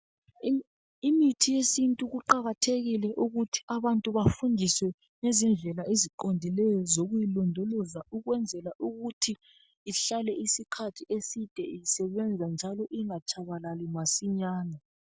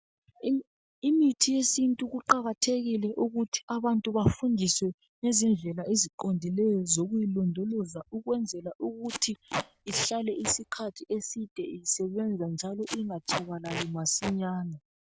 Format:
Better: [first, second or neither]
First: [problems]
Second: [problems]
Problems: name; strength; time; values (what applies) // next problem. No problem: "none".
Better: first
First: none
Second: background sound (Packing tape, duct tape); 9 dB below the speech